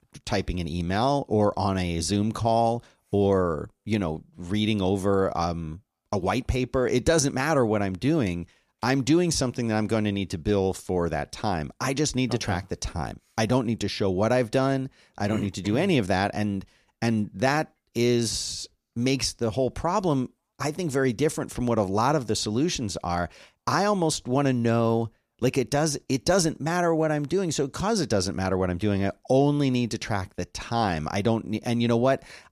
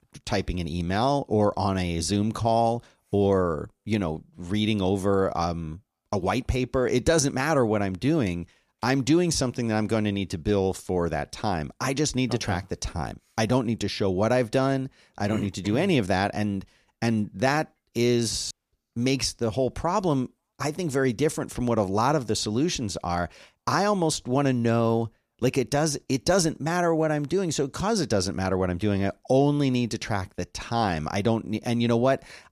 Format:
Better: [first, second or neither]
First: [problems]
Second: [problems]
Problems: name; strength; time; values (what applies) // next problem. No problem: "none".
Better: first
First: none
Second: audio cutting out; at 19 s